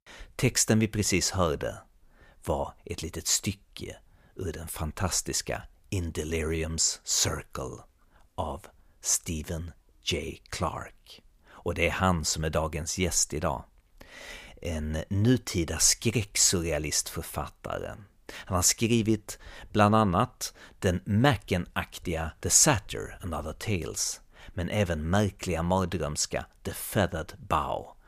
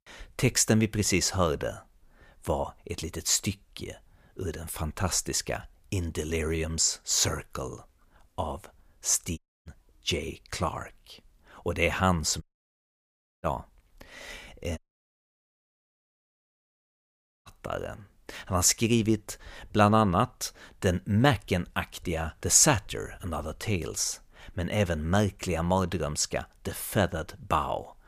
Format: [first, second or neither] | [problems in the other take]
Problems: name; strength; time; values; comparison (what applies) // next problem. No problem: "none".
first | audio cutting out; at 9.5 s, at 12 s for 1 s and at 15 s for 2.5 s